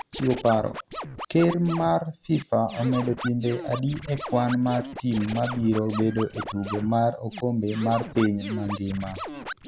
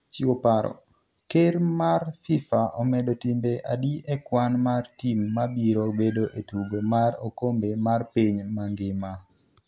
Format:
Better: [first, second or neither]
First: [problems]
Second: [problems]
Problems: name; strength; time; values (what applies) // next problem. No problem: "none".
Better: second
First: background sound (Scratching (performance technique)); 12 dB below the speech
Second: none